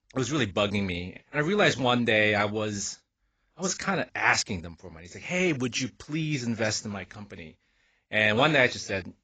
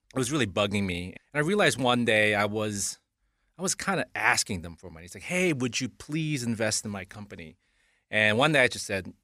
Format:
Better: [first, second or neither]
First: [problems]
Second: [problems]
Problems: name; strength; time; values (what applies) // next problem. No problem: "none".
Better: second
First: garbled, watery; badly; nothing above 7.5 kHz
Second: none